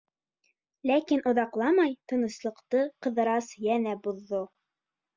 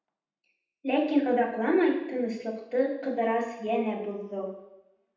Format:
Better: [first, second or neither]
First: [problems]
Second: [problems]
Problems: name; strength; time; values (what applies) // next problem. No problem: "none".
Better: first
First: none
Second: room echo; dies away in 0.8 s